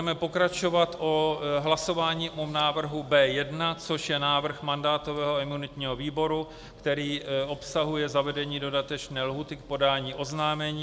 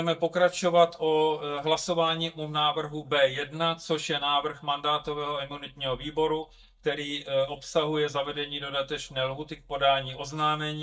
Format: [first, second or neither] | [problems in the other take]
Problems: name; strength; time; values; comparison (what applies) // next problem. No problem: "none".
first | noise reduction (neural mask model DeepFilterNet 3)